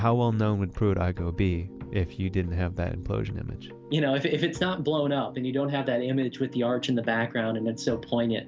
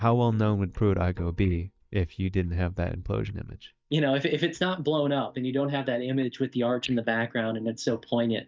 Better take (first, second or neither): first